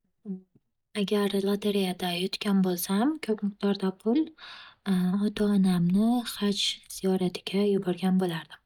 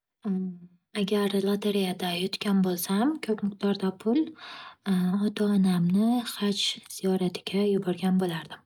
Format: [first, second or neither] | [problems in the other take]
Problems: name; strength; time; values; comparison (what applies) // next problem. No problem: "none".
second | noise reduction (neural mask model DeepFilterNet 3)